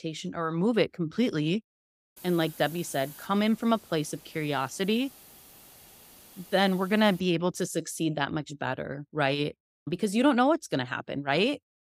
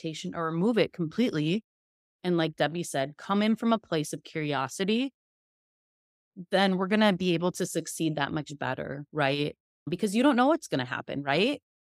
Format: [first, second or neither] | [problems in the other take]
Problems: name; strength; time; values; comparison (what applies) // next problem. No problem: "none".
second | hiss; faint; from 2 to 7 s; 20 dB below the speech